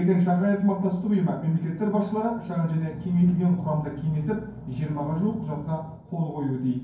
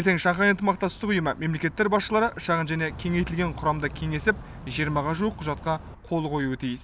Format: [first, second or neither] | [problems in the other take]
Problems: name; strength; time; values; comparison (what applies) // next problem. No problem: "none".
second | room echo; dies away in 0.9 s